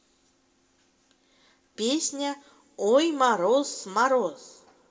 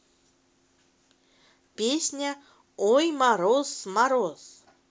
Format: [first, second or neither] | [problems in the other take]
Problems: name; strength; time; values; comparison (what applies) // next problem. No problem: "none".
second | room echo; dies away in 0.2 s